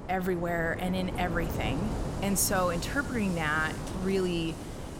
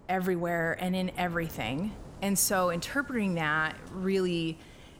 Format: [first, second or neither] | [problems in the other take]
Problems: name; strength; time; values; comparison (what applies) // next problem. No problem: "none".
second | wind noise on the microphone; heavy; 9 dB below the speech; occasional gusts in the second